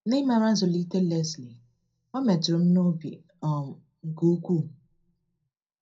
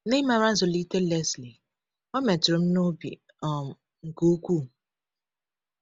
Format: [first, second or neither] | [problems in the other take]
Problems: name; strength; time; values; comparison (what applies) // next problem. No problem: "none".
second | room echo; dies away in 0.2 s